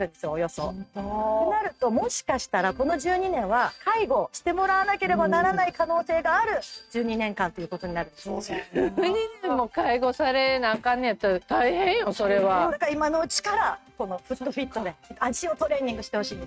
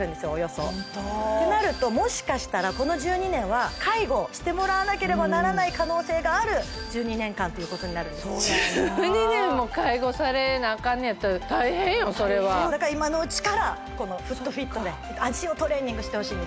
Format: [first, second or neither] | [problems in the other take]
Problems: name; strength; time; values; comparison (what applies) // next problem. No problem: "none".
second | noise reduction (neural mask model RNNoise)